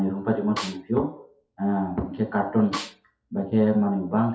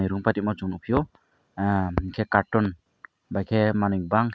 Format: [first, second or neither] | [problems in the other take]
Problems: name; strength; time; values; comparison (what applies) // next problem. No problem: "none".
second | noise reduction (classical method WPE with log-MMSE)